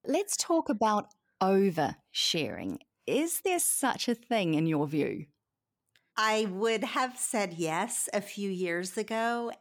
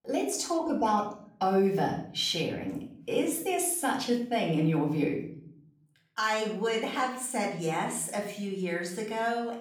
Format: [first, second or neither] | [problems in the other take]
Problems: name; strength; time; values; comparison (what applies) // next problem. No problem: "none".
first | off-mic speech; far // room echo; slight; dies away in 0.6 s